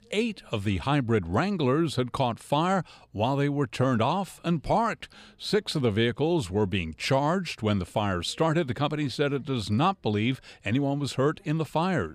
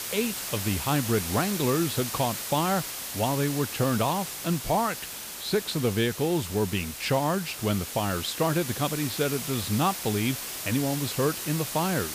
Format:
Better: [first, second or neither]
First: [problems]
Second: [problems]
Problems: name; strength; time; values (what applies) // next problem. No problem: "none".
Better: first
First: none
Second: hiss; loud; throughout; 5 dB below the speech